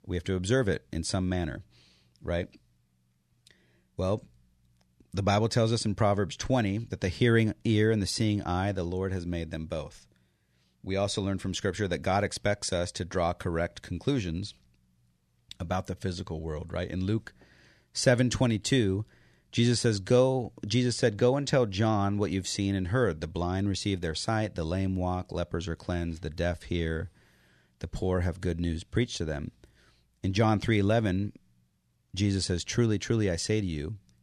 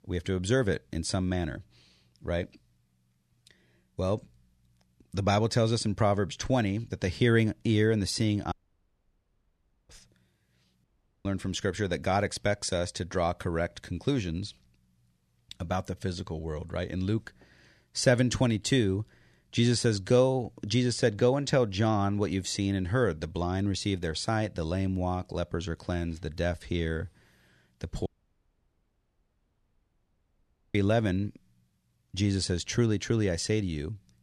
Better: first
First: none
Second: audio cutting out; at 8.5 s for 1.5 s, at 11 s and at 28 s for 2.5 s

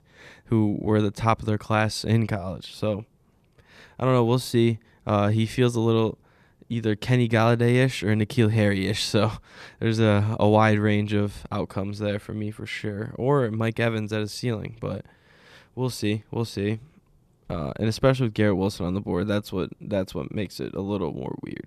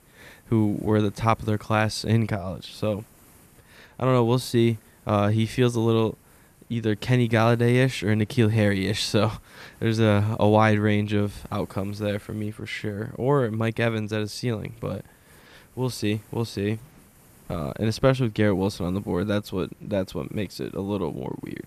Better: first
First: none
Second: hiss; faint; throughout; 30 dB below the speech

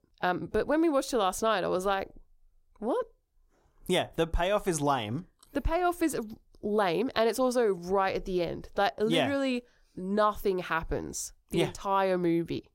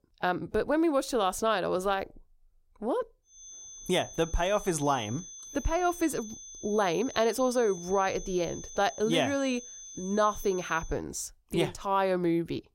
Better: first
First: none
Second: high-pitched whine; noticeable; from 3.5 to 11 s; 6 kHz, 15 dB below the speech

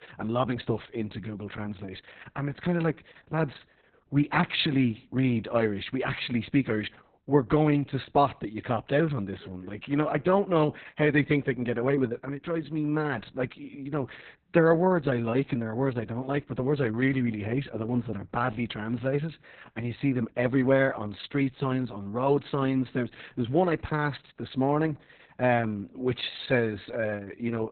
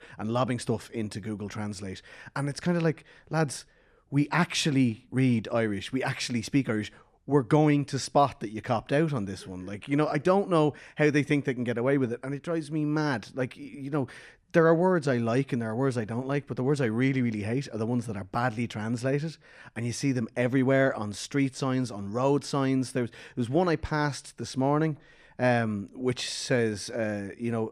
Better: second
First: garbled, watery; badly; nothing above 4 kHz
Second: none

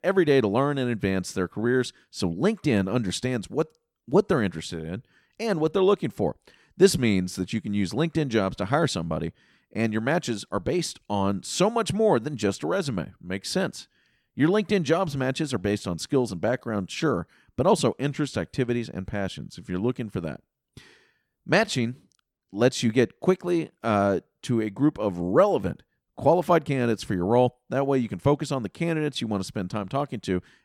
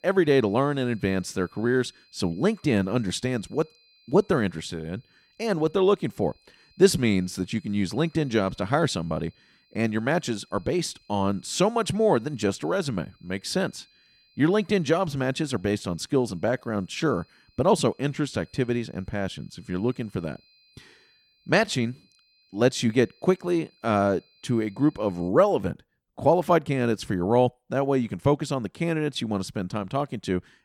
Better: first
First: none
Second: high-pitched whine; faint; until 25 s; 4 kHz, 35 dB below the speech

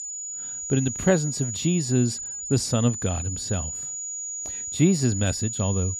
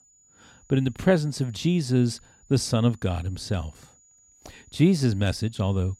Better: second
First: high-pitched whine; loud; throughout; 7 kHz, 5 dB below the speech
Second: high-pitched whine; faint; throughout; 7 kHz, 30 dB below the speech

